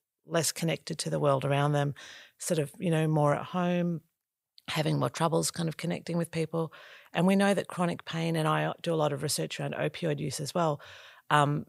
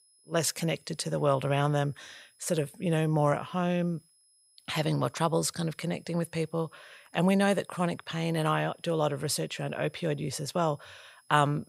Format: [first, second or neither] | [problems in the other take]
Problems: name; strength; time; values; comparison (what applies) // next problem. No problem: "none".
first | high-pitched whine; faint; throughout; 10.5 kHz, 30 dB below the speech